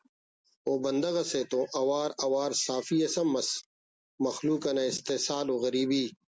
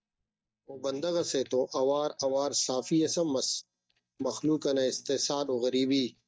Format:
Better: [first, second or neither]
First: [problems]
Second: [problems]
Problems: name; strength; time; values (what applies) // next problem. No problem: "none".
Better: first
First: none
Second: noise reduction (neural mask model DeepFilterNet 3)